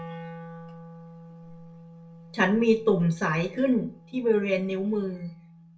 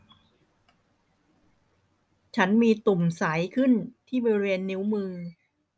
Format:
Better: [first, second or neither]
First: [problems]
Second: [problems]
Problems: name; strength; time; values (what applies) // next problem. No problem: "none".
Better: second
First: background sound (Wind instrument, woodwind instrument); 18 dB below the speech // room echo; dies away in 0.3 s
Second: none